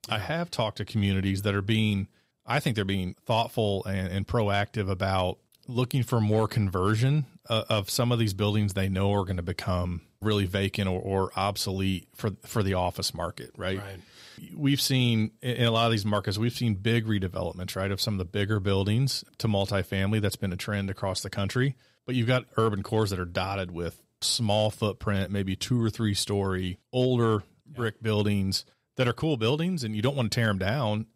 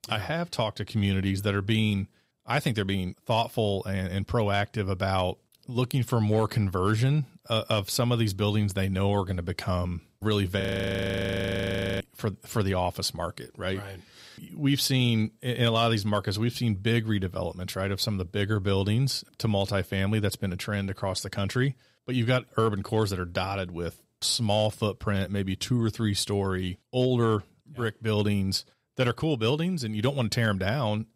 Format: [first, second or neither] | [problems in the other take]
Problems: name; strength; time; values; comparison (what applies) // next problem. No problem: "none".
first | audio freezing; at 11 s for 1.5 s